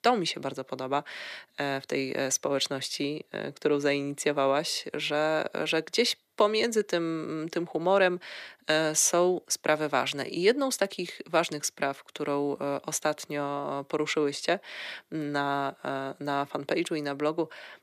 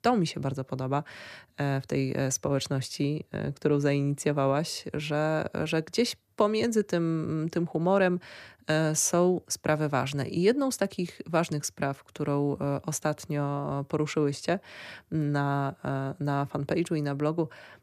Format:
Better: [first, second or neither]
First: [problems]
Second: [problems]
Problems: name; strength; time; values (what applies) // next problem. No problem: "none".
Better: second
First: thin; somewhat; fading below 350 Hz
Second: none